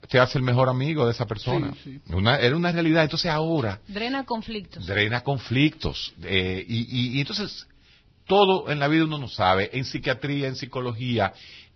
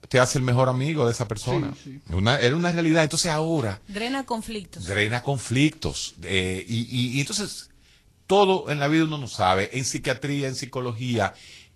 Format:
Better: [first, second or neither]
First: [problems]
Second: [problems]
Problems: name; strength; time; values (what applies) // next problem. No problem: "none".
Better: second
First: garbled, watery; badly; nothing above 5.5 kHz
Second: garbled, watery; slightly; nothing above 11.5 kHz